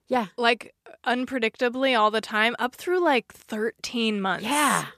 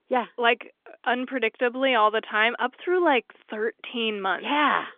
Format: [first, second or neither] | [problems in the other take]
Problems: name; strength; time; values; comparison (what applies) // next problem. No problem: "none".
first | phone-call audio; nothing above 3.5 kHz